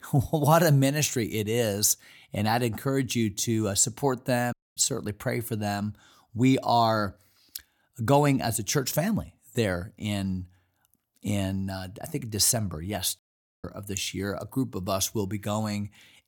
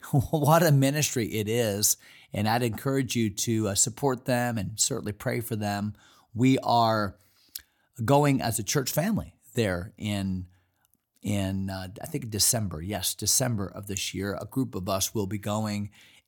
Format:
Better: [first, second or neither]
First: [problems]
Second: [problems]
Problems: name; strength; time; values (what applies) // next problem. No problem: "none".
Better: second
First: audio cutting out; at 4.5 s and at 13 s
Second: none